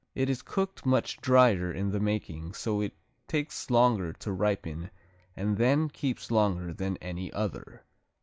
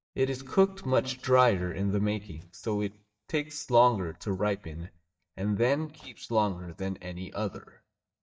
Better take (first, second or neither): first